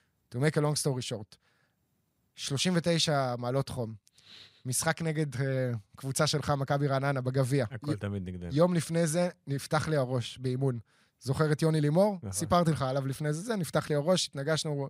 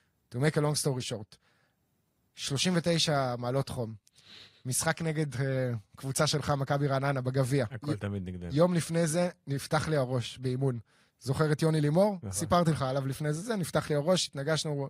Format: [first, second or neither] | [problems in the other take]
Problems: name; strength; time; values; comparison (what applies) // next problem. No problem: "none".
first | garbled, watery; slightly